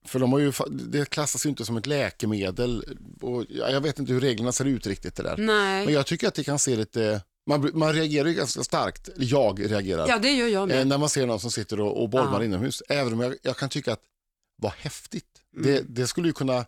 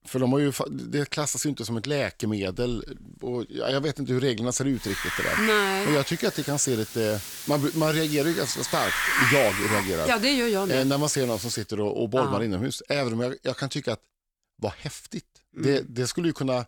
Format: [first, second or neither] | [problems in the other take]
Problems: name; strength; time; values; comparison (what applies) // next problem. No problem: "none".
first | hiss; loud; from 5 to 12 s; 3 dB below the speech